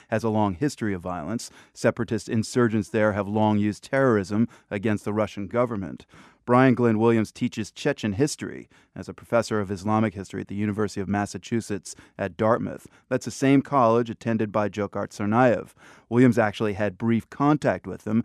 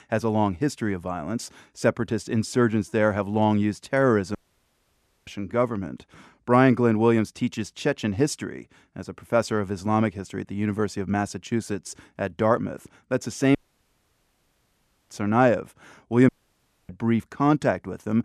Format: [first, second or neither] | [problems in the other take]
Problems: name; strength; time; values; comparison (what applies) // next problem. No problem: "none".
first | audio cutting out; at 4.5 s for 1 s, at 14 s for 1.5 s and at 16 s for 0.5 s